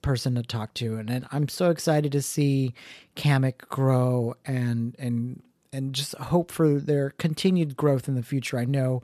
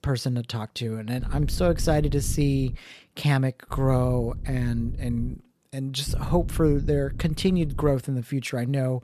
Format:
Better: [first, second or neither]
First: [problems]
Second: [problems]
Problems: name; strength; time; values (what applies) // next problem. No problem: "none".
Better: first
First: none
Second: low rumble; noticeable; from 1 to 3 s, from 3.5 to 5.5 s and from 6 to 8 s; 20 dB below the speech